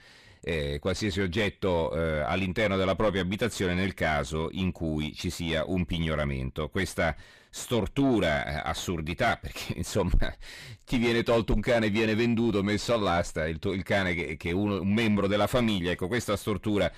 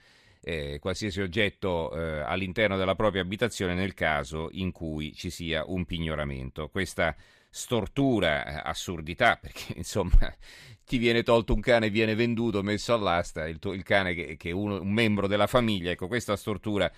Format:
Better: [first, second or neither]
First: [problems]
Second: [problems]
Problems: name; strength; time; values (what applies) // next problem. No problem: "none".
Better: second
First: distortion; heavy; 7 dB below the speech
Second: none